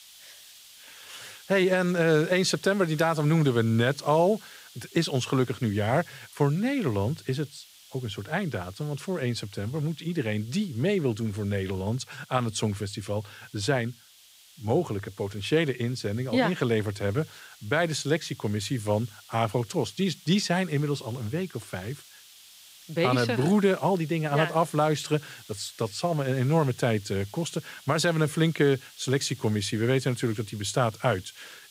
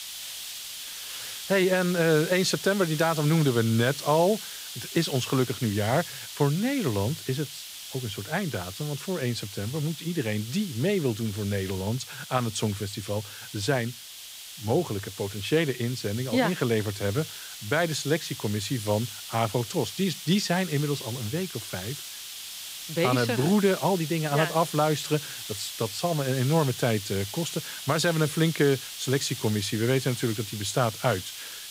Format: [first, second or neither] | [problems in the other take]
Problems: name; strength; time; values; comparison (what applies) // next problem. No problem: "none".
first | hiss; loud; throughout; 9 dB below the speech; faint in the first